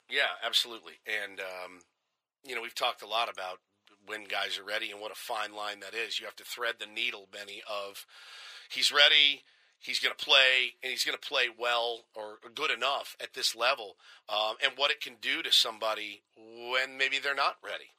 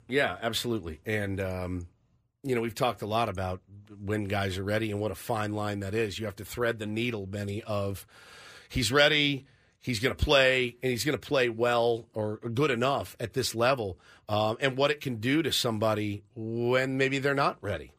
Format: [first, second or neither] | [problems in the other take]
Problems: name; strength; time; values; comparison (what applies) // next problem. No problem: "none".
second | thin; very; fading below 800 Hz